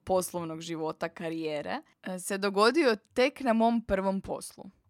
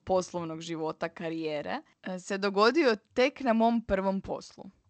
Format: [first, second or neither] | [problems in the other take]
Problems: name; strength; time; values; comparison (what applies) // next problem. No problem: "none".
first | garbled, watery; slightly; nothing above 8 kHz